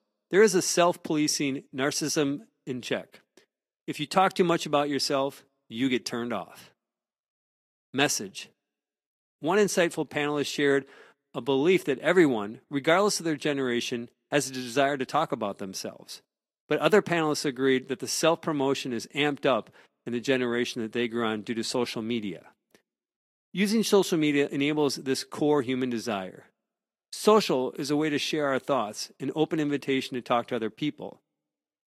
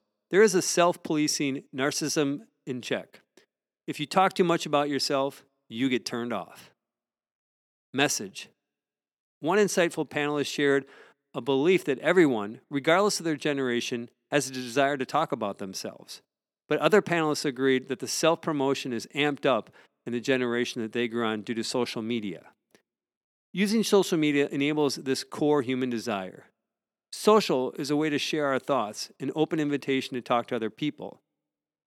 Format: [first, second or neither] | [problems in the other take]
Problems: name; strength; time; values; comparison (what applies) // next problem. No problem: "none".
second | garbled, watery; slightly